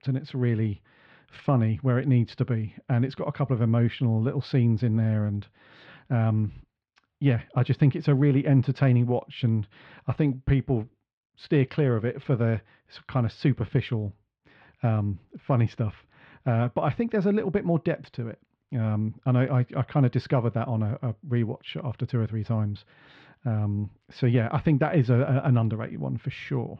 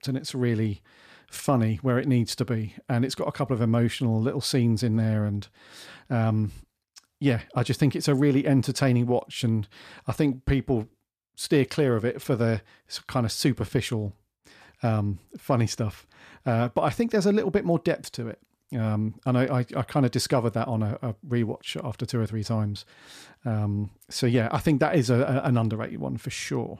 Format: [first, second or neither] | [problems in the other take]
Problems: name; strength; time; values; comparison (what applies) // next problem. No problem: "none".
second | muffled; slightly; fading above 3.5 kHz